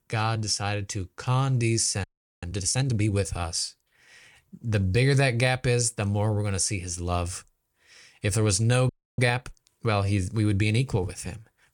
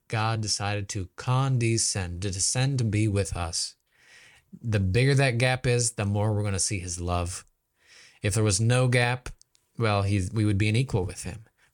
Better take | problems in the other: second | audio freezing; at 2 s and at 9 s

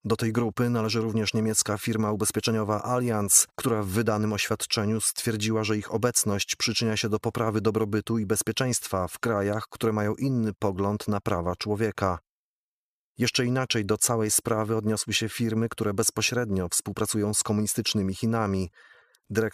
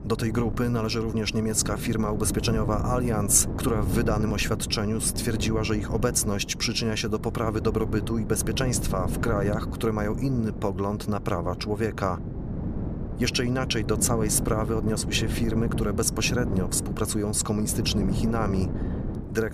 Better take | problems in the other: first | wind noise on the microphone; occasional gusts; 10 dB below the speech

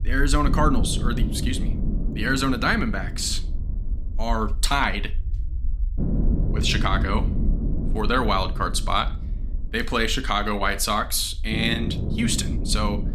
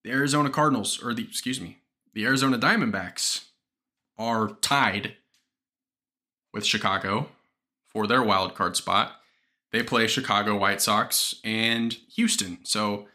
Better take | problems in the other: second | low rumble; noticeable; throughout; 15 dB below the speech

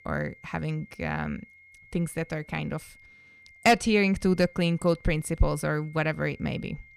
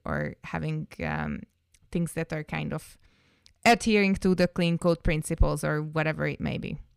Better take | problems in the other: second | high-pitched whine; faint; throughout; 2 kHz, 25 dB below the speech

